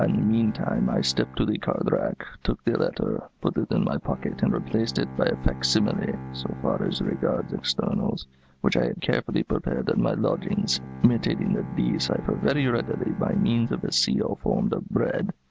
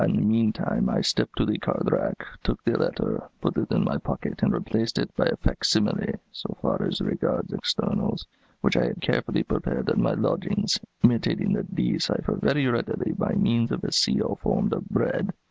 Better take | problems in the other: second | background sound (Bowed string instrument); 15 dB below the speech

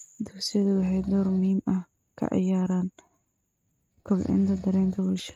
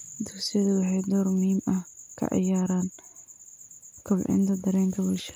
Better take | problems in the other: second | noise reduction (neural mask model RNNoise)

